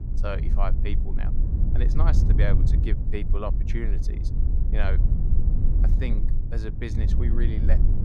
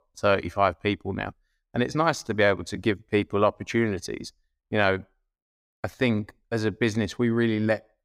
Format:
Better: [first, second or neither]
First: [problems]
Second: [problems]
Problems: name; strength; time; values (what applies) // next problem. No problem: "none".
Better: second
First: low rumble; loud; throughout; 5 dB below the speech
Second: none